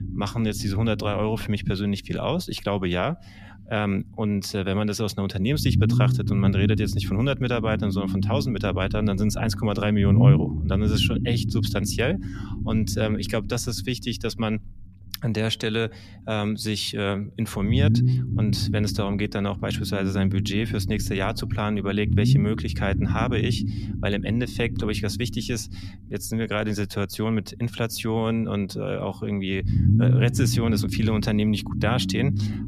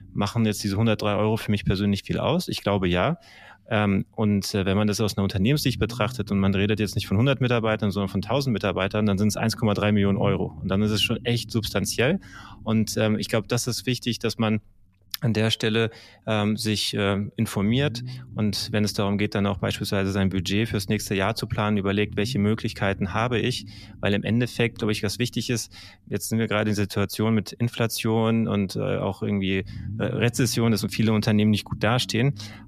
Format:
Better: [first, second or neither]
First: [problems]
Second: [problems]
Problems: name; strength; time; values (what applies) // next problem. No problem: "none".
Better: second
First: low rumble; loud; throughout; 7 dB below the speech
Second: low rumble; faint; throughout; 25 dB below the speech